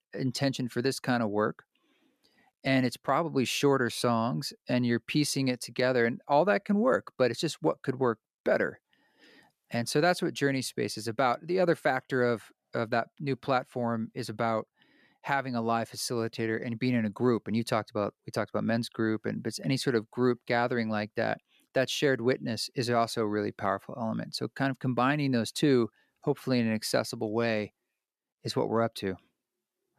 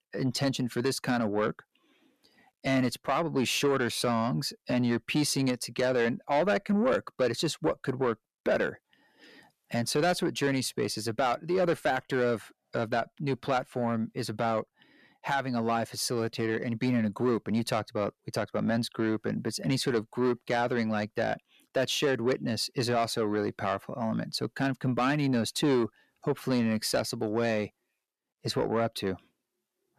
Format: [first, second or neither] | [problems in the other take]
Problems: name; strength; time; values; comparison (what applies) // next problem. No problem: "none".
first | distortion; slight; 10 dB below the speech